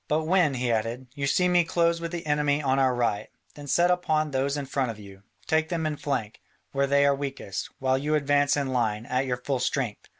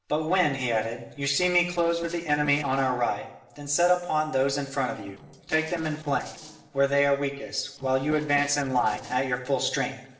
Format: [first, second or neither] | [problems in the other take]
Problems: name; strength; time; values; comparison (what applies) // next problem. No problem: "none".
first | noise reduction (neural separator model SepFormer DNS4)